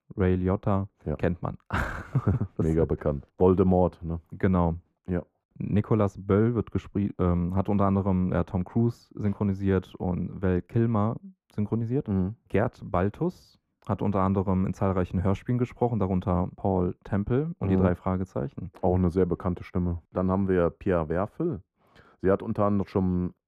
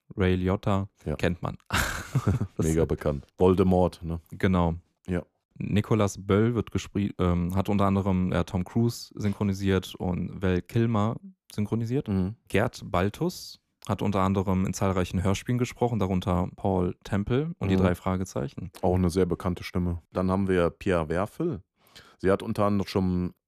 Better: second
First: muffled; very; fading above 2.5 kHz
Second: none

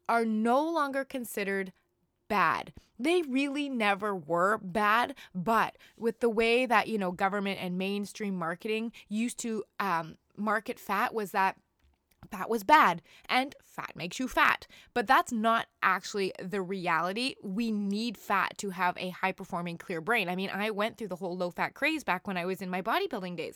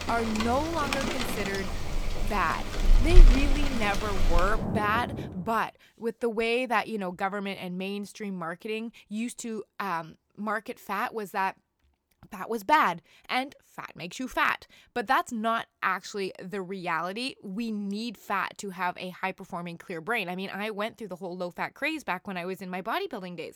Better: first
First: none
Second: rain or running water; very loud; until 5 s; 1 dB above the speech

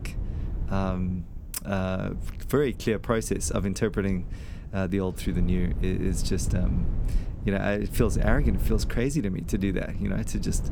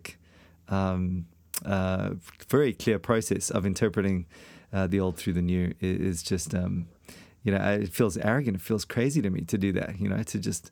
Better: second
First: wind noise on the microphone; occasional gusts; 15 dB below the speech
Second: none

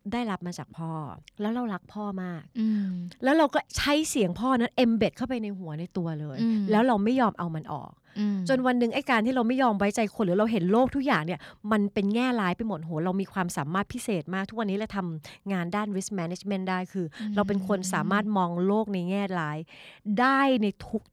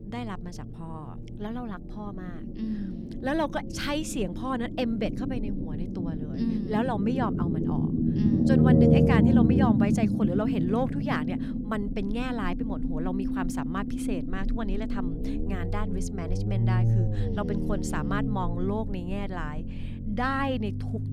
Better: first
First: none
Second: low rumble; loud; throughout; 1 dB below the speech

